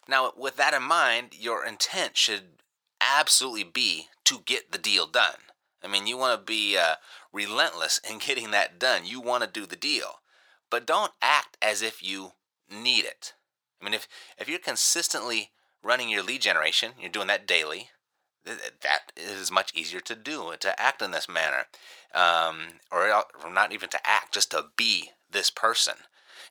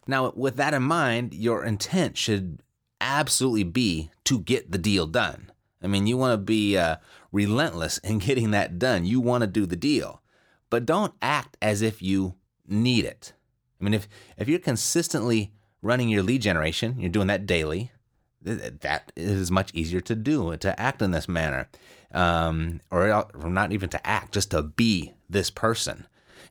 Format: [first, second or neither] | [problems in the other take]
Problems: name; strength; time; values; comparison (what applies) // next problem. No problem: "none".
second | thin; very; fading below 850 Hz